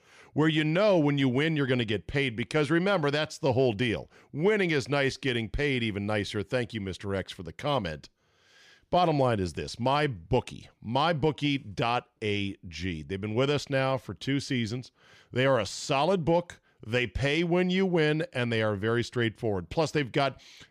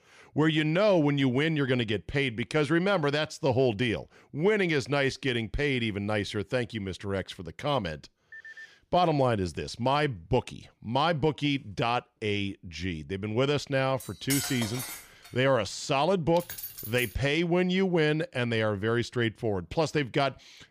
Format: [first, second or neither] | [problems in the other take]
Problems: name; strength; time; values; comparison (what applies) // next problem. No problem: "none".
first | phone ringing; faint; at 8.5 s; peak 15 dB below the speech // clattering dishes; noticeable; from 14 to 15 s; peak 3 dB below the speech // jangling keys; noticeable; at 16 s; peak 9 dB below the speech